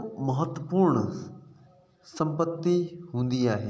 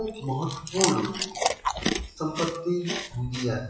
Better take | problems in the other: first | noise reduction (classical method WPE with log-MMSE)

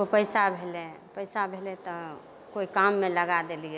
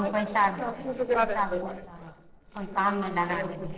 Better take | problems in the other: first | noise reduction (neural separator model SepFormer DNS4)

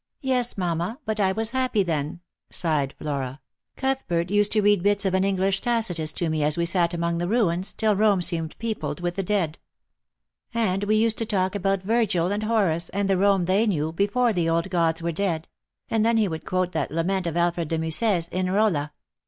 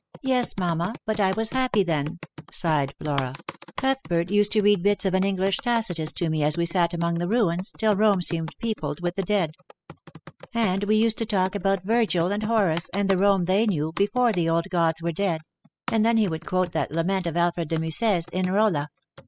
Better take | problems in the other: first | noise reduction (classical method spectral subtraction)

